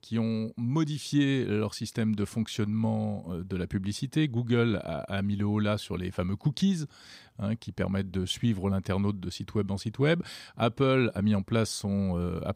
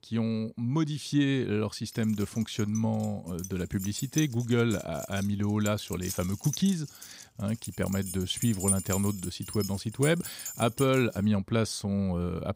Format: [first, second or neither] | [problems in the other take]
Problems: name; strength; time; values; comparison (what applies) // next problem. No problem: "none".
first | jangling keys; loud; from 2.5 to 11 s; peak 1 dB above the speech